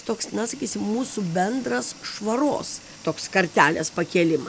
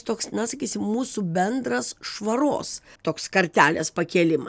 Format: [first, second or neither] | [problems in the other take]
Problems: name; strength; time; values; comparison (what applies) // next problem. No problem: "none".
second | background sound (Bathtub (filling or washing) + Engine); 20 dB below the speech